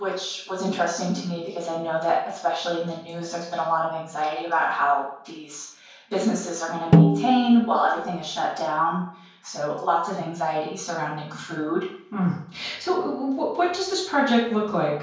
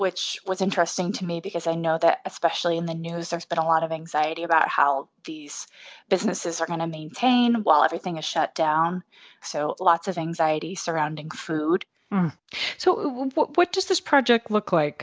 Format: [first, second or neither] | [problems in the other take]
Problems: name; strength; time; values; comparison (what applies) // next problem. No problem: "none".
second | background sound (Snare drum); 4 dB above the speech // room echo; dies away in 0.5 s